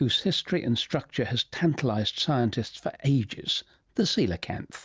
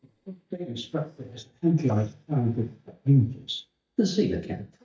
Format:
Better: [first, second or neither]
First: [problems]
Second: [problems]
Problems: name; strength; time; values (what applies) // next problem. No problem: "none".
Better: first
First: none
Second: noise reduction (neural mask model DeepFilterNet 3)